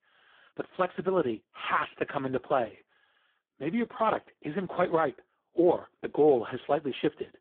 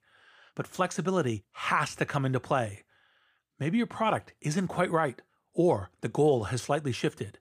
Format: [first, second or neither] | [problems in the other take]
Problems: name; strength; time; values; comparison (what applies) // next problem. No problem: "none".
second | phone-call audio; poor line